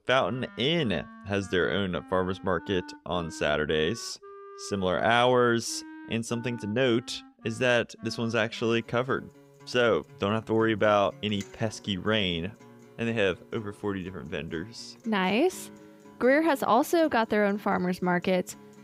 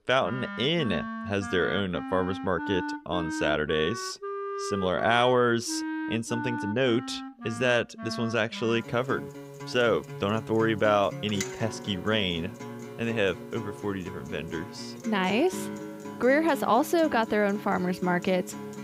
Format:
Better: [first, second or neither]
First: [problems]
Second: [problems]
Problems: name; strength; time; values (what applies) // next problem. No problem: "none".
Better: first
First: background music; faint; throughout; 20 dB below the speech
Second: background music; loud; throughout; 10 dB below the speech